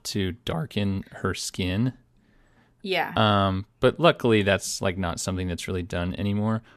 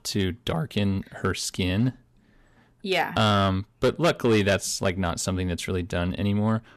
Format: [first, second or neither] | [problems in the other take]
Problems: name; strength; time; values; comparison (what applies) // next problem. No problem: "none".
first | distortion; slight; 3% of the sound clipped